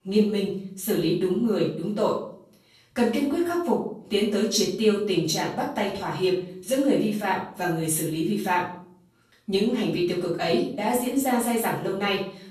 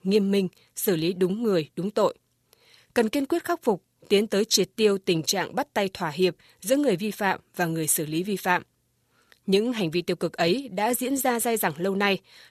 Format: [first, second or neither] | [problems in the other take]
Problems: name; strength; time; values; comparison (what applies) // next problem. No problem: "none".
second | off-mic speech; far // room echo; noticeable; dies away in 0.5 s